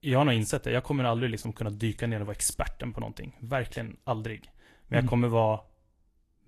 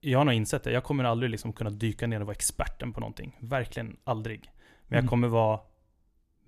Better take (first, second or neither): second